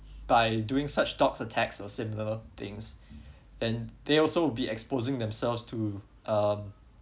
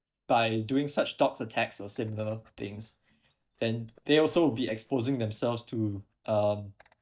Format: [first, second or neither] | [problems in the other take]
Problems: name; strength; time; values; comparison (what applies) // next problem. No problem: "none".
first | noise reduction (neural mask model DeepFilterNet 3)